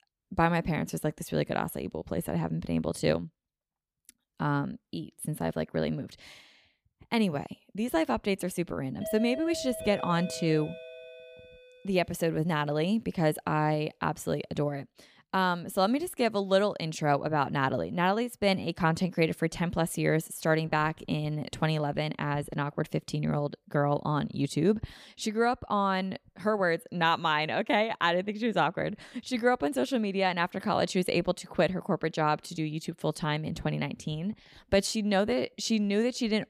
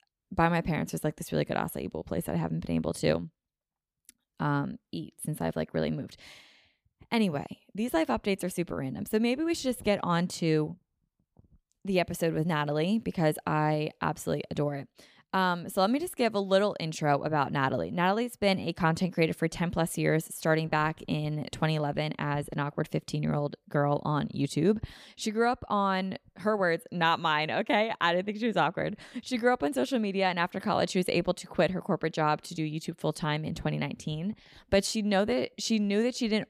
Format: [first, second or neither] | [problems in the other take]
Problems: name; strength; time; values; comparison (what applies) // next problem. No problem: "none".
second | doorbell; noticeable; from 9 to 12 s; peak 7 dB below the speech